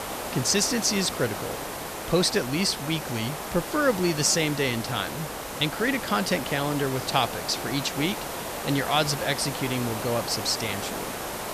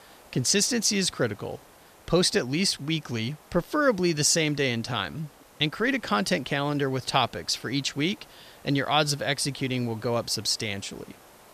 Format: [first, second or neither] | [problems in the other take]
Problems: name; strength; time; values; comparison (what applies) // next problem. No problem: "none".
second | hiss; loud; throughout; 7 dB below the speech; faint in the second